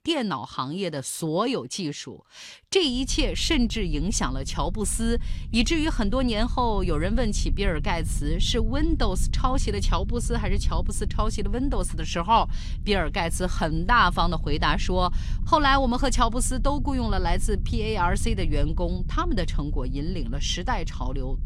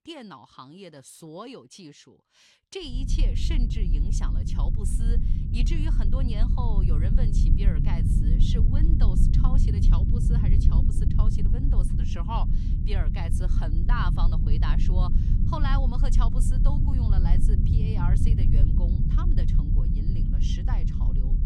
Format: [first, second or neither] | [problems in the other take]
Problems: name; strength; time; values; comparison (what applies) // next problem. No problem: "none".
first | low rumble; loud; from 3 s on; 1 dB below the speech; faint in the first